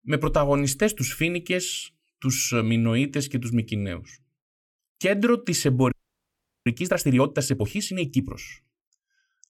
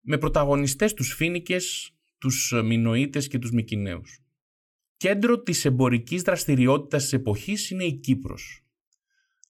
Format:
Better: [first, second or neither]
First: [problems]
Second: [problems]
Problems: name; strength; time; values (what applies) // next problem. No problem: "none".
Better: second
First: audio freezing; at 6 s for 0.5 s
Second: none